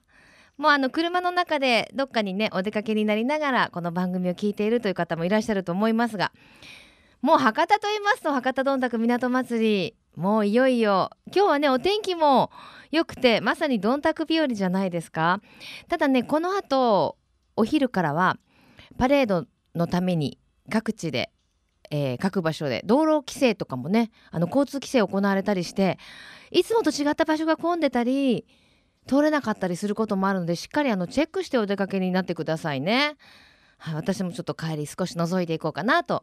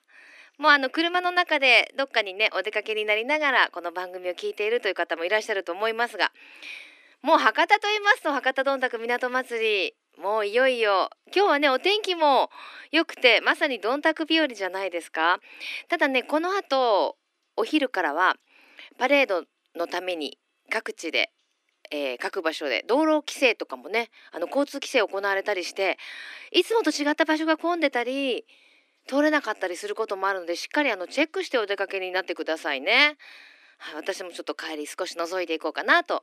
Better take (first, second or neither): first